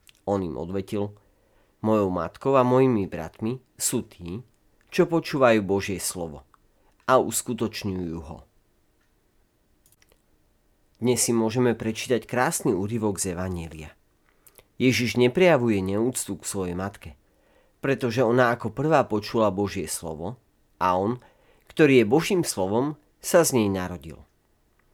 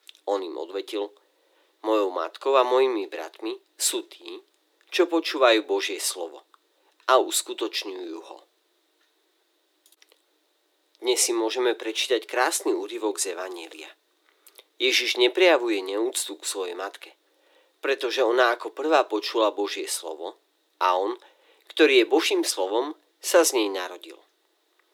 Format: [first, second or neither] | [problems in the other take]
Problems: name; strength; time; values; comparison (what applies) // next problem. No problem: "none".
first | thin; very; fading below 300 Hz